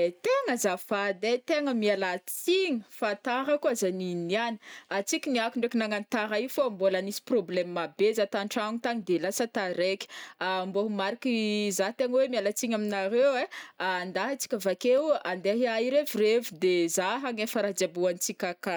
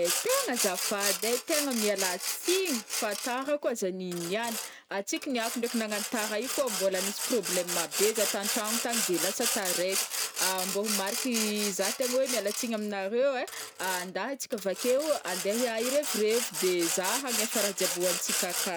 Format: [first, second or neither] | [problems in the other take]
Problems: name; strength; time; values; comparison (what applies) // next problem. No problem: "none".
first | background sound (Sawing); 3 dB below the speech